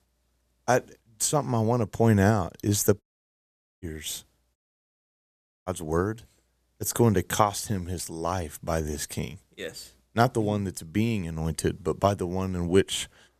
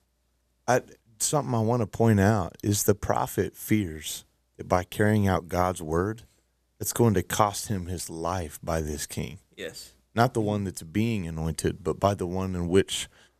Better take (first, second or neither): second